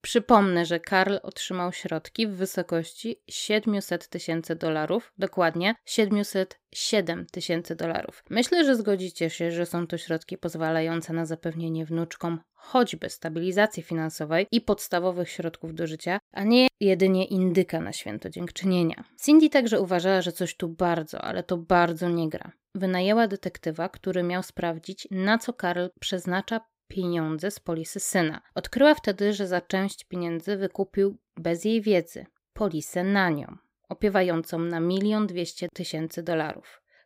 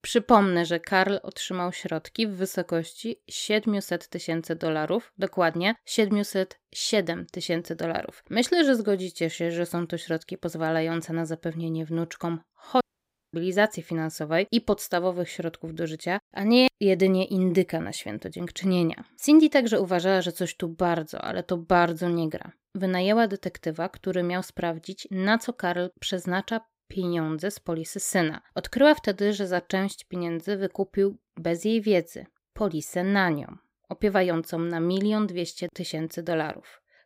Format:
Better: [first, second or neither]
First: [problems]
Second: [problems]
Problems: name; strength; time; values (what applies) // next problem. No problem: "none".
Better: first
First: none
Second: audio cutting out; at 13 s for 0.5 s